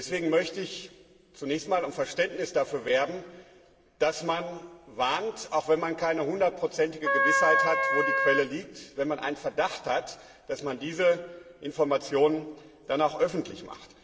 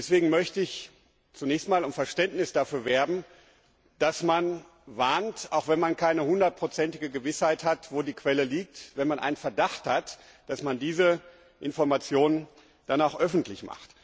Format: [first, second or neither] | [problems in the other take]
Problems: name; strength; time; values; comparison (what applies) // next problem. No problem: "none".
second | background sound (Wind instrument, woodwind instrument); 4 dB above the speech // room echo; dies away in 2.1 s